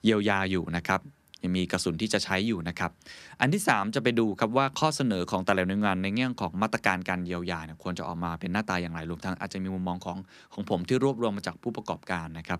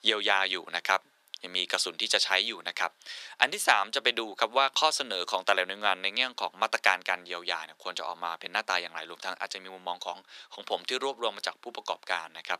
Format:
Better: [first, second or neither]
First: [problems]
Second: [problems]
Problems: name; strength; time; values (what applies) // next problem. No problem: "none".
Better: first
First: none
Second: thin; very; fading below 550 Hz